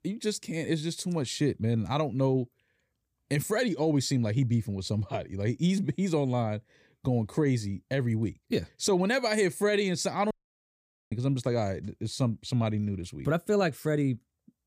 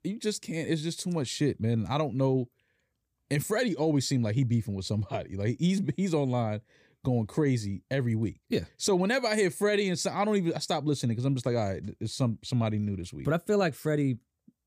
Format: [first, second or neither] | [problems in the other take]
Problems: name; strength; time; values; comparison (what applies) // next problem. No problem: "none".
second | audio cutting out; at 10 s for 1 s